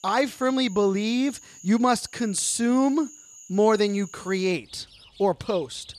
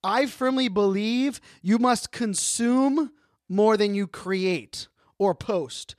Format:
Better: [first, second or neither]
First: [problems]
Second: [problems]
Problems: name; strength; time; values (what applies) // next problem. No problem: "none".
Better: second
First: animal sounds; faint; throughout; 20 dB below the speech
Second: none